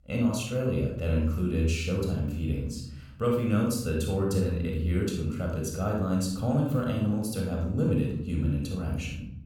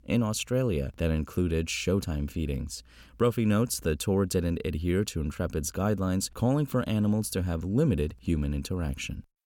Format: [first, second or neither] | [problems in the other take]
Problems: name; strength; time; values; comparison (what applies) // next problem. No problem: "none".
second | off-mic speech; somewhat distant // room echo; noticeable; dies away in 0.7 s